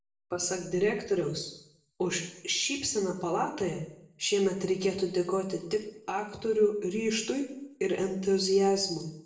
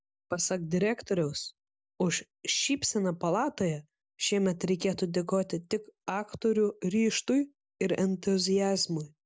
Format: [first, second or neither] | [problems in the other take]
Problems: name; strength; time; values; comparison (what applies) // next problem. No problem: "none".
second | room echo; dies away in 0.6 s